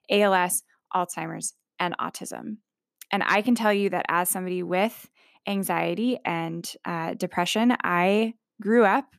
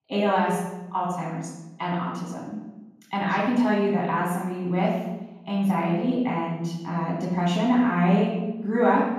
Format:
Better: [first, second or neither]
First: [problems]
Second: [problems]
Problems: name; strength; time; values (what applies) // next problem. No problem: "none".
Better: first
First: none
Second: room echo; strong; dies away in 1.3 s // off-mic speech; far